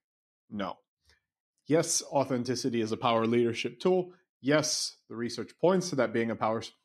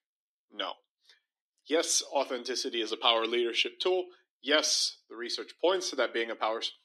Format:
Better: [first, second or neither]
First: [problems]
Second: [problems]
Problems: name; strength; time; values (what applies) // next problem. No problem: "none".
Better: first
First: none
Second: thin; somewhat; fading below 300 Hz